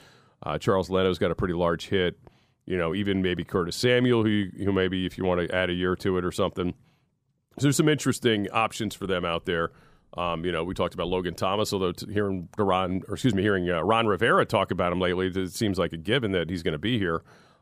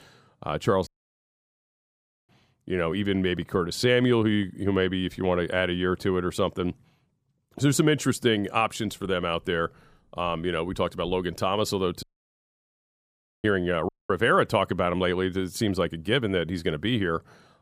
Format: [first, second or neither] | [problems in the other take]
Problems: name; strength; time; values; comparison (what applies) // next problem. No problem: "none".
first | audio cutting out; at 1 s for 1.5 s, at 12 s for 1.5 s and at 14 s